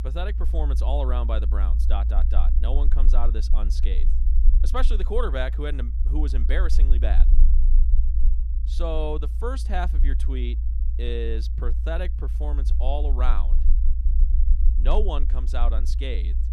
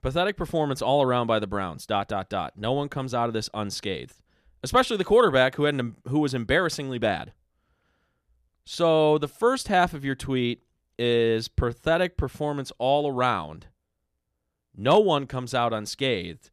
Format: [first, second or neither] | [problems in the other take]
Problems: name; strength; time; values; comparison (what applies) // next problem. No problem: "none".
second | low rumble; noticeable; throughout; 10 dB below the speech